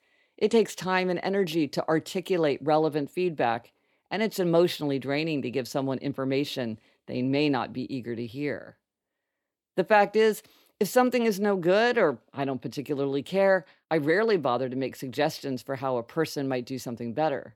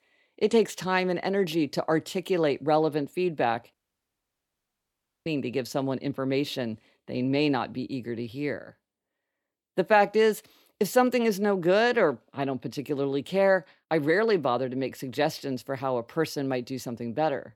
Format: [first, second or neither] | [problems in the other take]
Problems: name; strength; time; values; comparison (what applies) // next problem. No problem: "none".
first | audio cutting out; at 3.5 s for 1.5 s